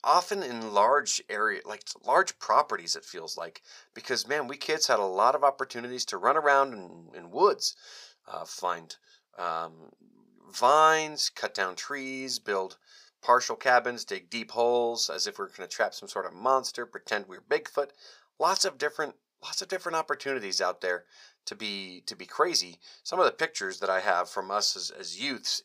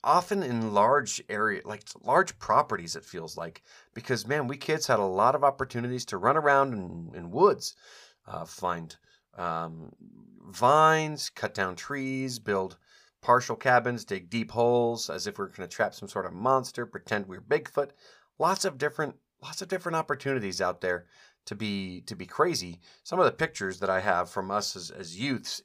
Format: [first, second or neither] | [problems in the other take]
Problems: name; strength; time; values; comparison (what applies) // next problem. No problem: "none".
second | thin; somewhat; fading below 350 Hz